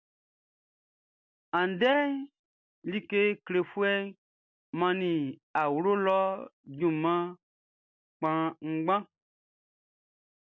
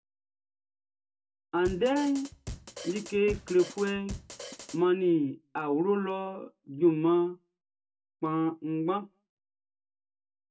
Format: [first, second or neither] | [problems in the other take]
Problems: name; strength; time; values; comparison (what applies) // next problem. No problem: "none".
first | background sound (Drum kit); 12 dB below the speech // room echo; dies away in 0.2 s